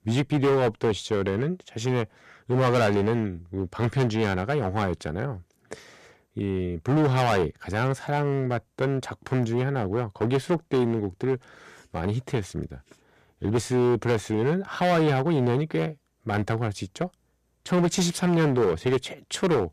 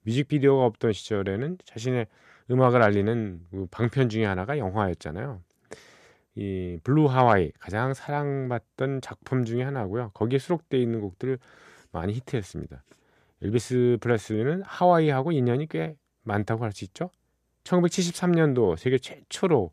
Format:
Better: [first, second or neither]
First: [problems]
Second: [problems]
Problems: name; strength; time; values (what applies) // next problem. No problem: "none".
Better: second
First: distortion; heavy; 9% of the sound clipped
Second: none